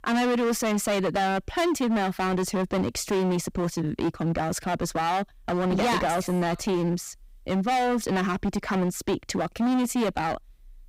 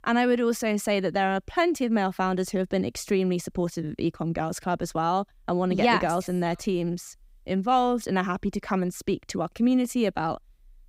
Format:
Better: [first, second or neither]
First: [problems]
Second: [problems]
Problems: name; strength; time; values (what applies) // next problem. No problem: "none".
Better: second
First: distortion; heavy; 22% of the sound clipped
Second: none